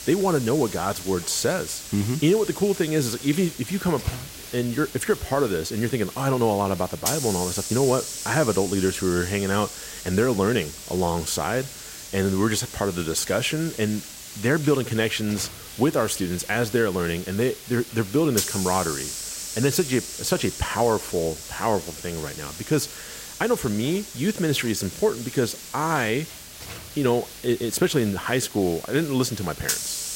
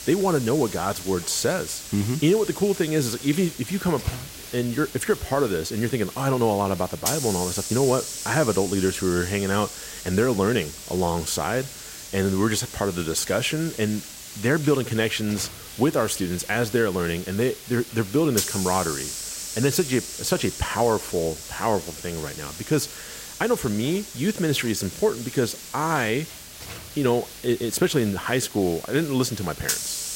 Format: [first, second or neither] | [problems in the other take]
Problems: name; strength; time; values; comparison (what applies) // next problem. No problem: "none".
neither | hiss; loud; throughout; 9 dB below the speech; the same in both